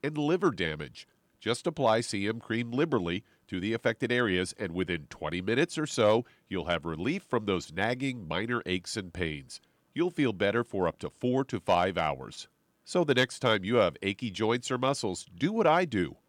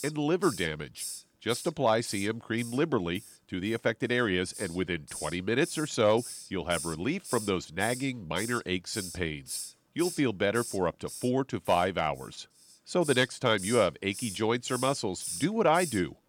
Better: first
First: none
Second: hiss; noticeable; throughout; 10 dB below the speech

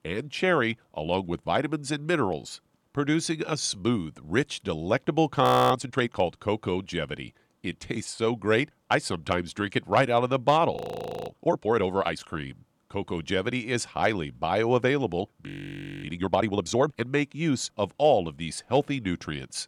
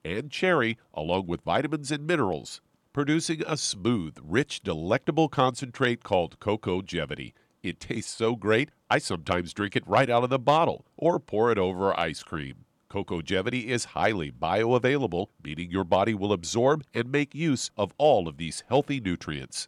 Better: second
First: audio freezing; at 5.5 s, at 11 s for 0.5 s and at 15 s for 0.5 s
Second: none

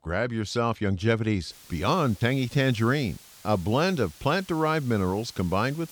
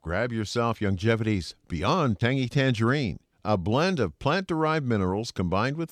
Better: second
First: hiss; faint; from 1.5 s on; 20 dB below the speech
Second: none

